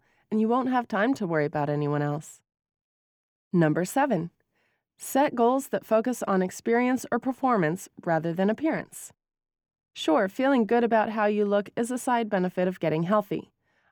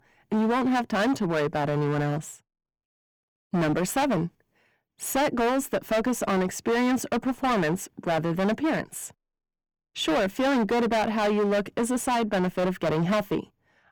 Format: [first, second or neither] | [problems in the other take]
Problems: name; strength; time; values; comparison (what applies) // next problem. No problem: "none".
first | distortion; heavy; 19% of the sound clipped